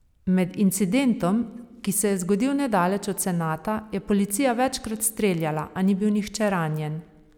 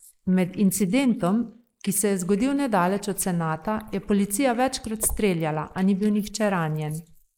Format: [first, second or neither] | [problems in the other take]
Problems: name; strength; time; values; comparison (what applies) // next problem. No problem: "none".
first | noise reduction (neural mask model Resemble Enhance denoiser)